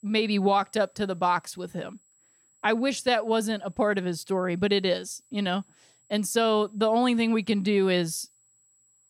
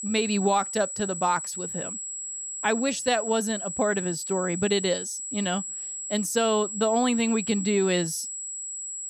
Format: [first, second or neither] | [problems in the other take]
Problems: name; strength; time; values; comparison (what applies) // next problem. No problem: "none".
first | high-pitched whine; loud; throughout; 8 kHz, 5 dB below the speech; faint in the first